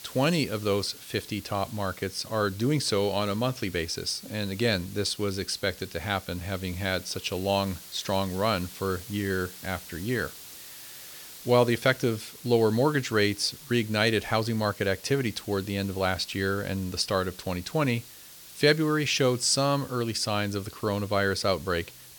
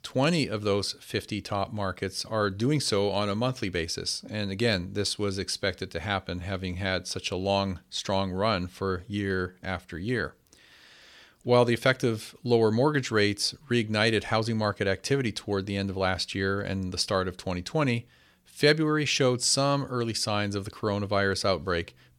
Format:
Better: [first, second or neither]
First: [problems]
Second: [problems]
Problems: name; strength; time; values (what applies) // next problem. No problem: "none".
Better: second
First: hiss; noticeable; throughout; 15 dB below the speech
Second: none